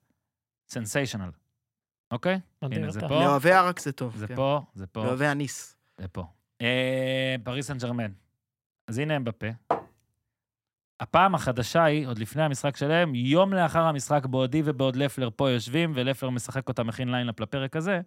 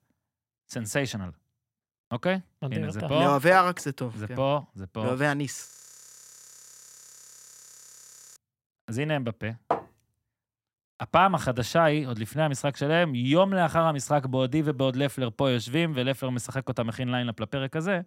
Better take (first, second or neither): first